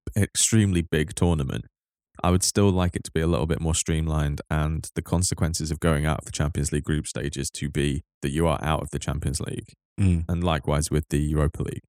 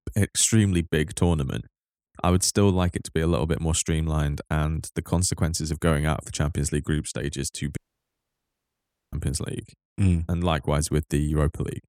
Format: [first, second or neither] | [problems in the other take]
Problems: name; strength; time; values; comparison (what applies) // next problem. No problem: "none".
first | audio cutting out; at 8 s for 1.5 s